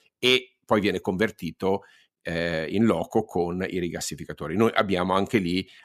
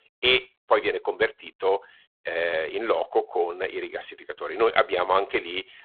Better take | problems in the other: first | phone-call audio; poor line; nothing above 3.5 kHz

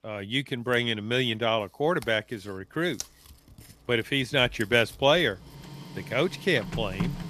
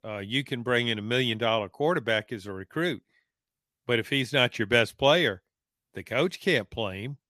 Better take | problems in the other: second | household noises; noticeable; throughout; 15 dB below the speech

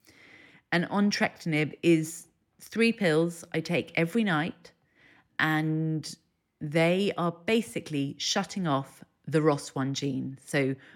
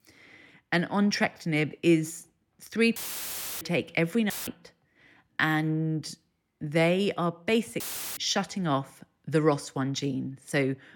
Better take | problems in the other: first | audio cutting out; filled with static; at 3 s for 0.5 s, at 4.5 s and at 8 s

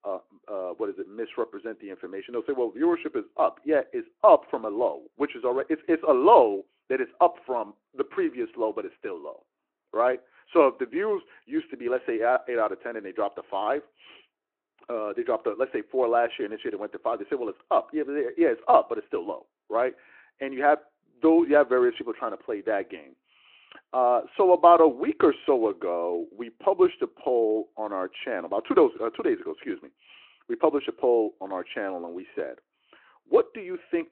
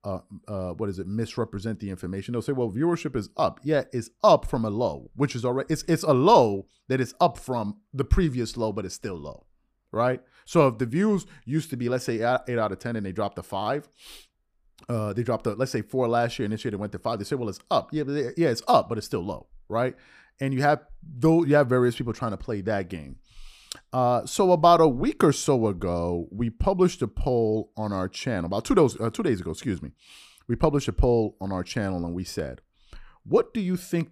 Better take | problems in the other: second | phone-call audio

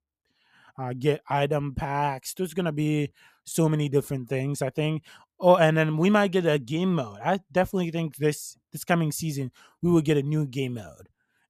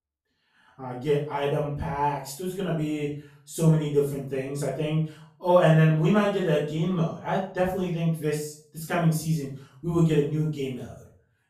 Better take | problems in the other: first | off-mic speech; far // room echo; noticeable; dies away in 0.4 s

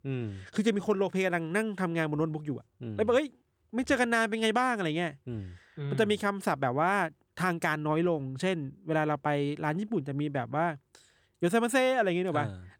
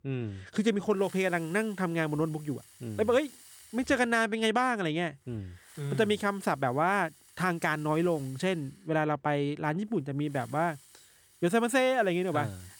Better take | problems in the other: first | hiss; faint; throughout; 25 dB below the speech

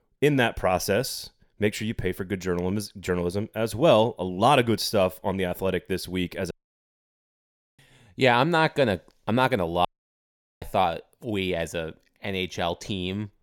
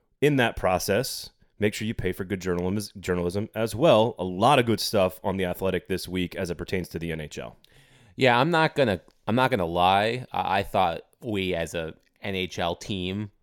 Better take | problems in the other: second | audio cutting out; at 6.5 s for 1.5 s and at 10 s for 1 s

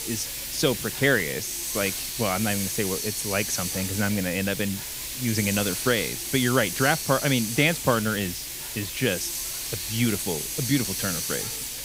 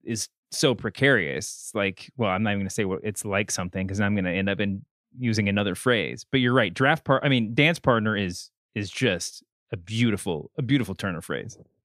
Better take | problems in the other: second | hiss; loud; throughout; 3 dB below the speech

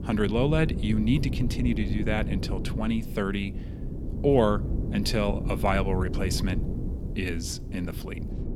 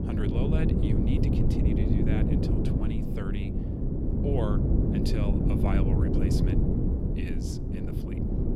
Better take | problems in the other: first | wind noise on the microphone; heavy; 4 dB above the speech; occasional gusts in the first

